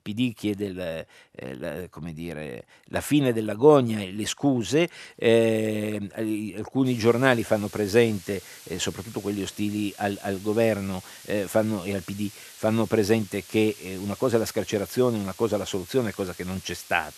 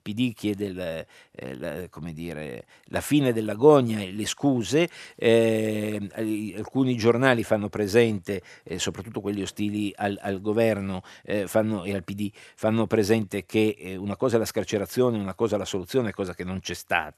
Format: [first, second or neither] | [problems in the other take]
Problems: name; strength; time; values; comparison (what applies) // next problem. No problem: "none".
second | hiss; noticeable; from 7 s on; 20 dB below the speech